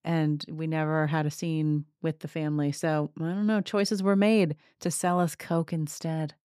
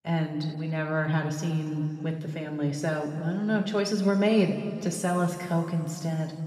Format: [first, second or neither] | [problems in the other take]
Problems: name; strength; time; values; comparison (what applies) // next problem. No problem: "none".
first | room echo; noticeable; dies away in 2 s // off-mic speech; somewhat distant